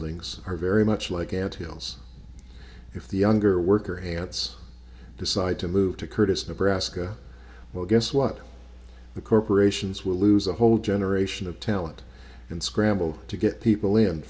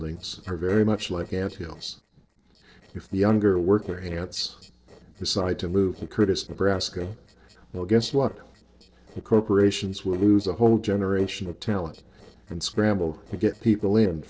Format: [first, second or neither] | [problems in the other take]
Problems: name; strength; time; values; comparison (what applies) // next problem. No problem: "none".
first | noise reduction (neural separator model SepFormer DNS4)